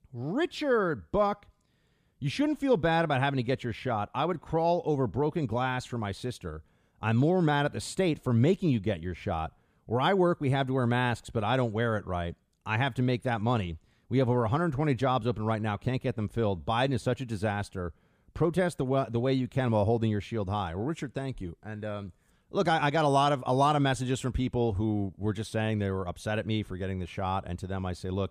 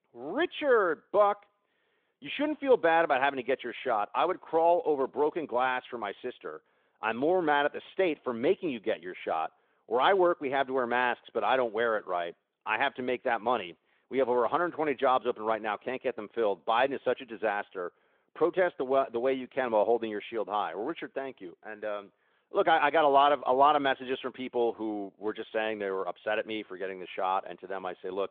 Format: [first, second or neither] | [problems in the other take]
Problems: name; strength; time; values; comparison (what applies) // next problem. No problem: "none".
first | phone-call audio; nothing above 3.5 kHz